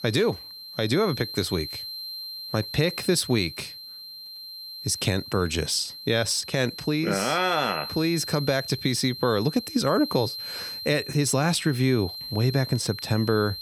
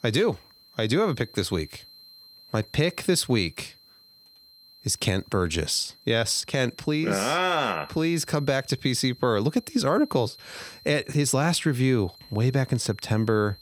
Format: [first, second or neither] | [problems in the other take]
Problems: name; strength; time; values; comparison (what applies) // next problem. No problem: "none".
second | high-pitched whine; loud; throughout; 4 kHz, 10 dB below the speech; faint in the second